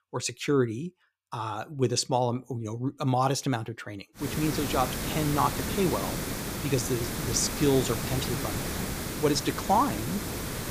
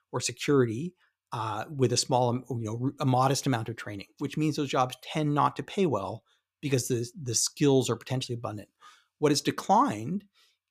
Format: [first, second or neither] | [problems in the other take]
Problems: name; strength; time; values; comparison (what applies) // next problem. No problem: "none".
second | hiss; loud; from 4 s on; 4 dB below the speech